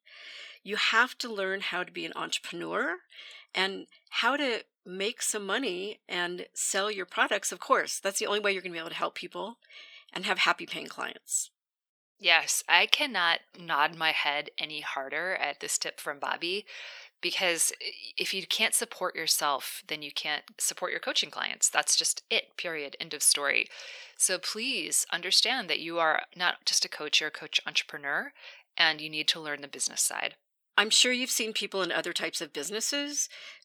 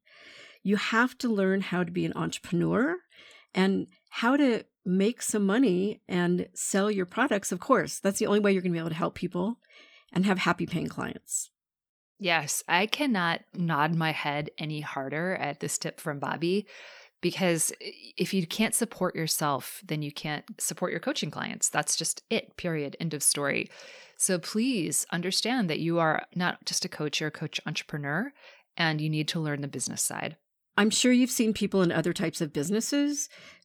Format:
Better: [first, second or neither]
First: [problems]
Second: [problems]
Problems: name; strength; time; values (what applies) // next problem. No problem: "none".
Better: second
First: thin; very; fading below 550 Hz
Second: none